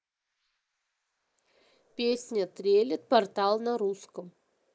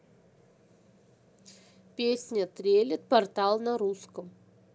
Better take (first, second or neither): second